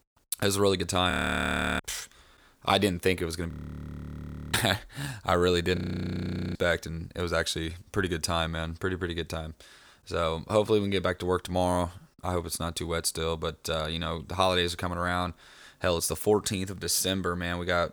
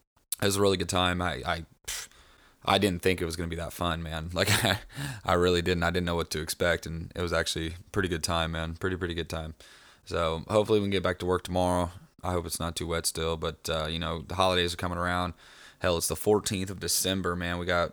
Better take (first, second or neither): second